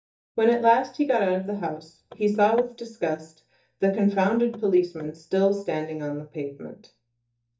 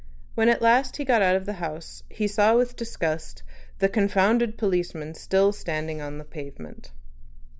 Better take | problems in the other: second | noise reduction (neural mask model DeepFilterNet 3)

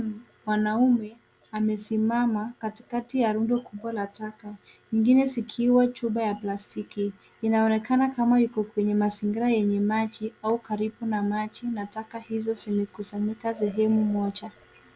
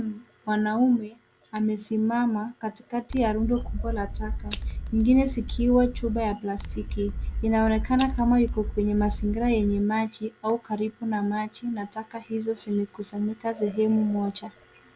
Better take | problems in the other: first | background sound (Scissors); 5 dB below the speech

